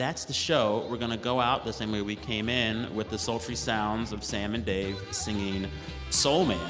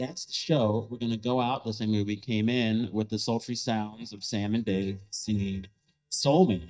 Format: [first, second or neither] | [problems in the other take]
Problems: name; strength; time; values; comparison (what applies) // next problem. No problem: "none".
first | noise reduction (neural mask model DeepFilterNet 3)